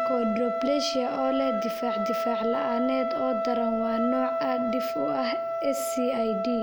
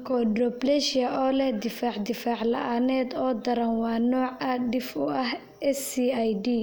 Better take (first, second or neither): second